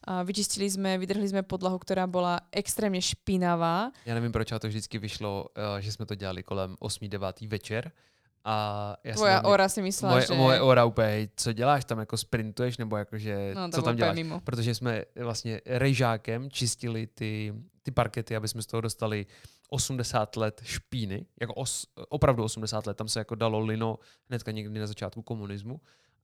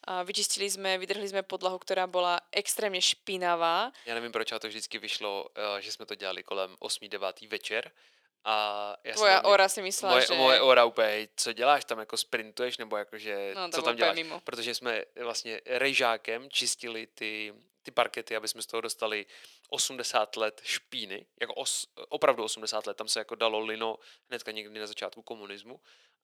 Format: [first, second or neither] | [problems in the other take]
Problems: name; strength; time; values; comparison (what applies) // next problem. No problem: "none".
first | thin; very; fading below 400 Hz